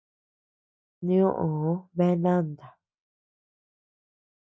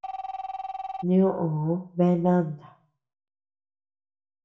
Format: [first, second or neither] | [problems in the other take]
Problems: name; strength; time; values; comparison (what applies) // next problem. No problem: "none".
first | background sound (Telephone); 12 dB below the speech // room echo; dies away in 0.4 s